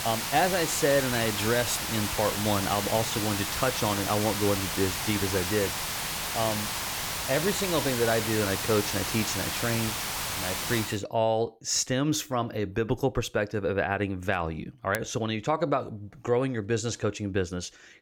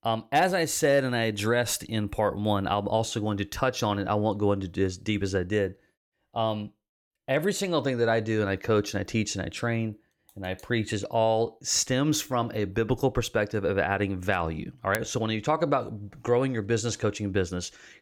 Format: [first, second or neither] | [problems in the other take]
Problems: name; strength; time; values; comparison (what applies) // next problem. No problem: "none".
second | hiss; loud; until 11 s; 1 dB below the speech